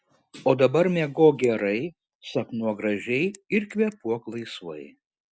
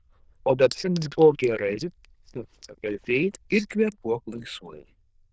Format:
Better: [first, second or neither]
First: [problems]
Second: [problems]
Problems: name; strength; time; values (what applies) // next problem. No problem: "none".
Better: first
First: none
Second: noise reduction (neural diffusion model UNIVERSE++)